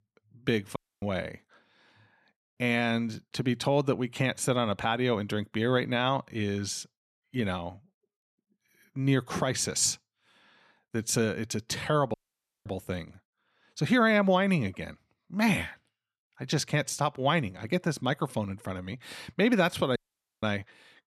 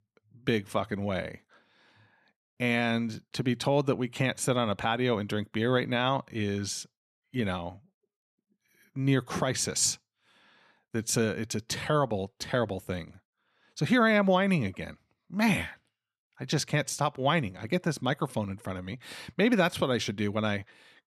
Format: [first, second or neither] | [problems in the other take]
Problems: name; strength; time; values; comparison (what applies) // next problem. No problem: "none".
second | audio cutting out; at 1 s, at 12 s for 0.5 s and at 20 s